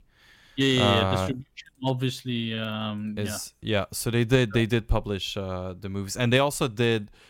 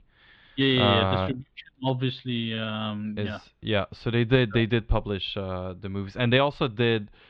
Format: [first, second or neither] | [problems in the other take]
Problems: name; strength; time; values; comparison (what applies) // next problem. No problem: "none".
first | muffled; slightly; fading above 4 kHz